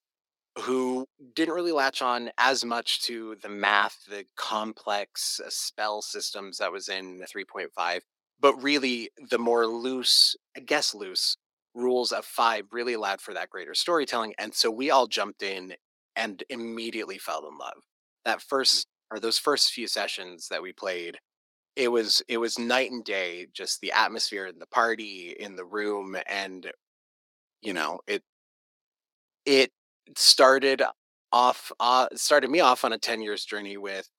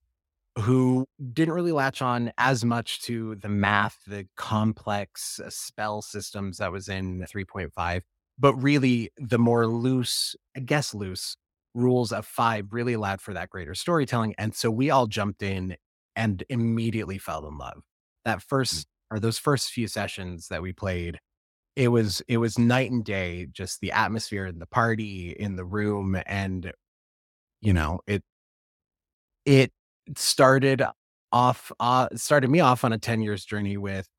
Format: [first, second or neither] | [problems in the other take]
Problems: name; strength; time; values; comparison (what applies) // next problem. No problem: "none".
second | thin; somewhat; fading below 300 Hz